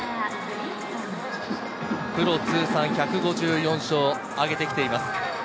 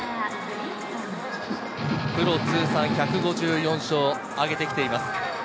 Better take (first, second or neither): first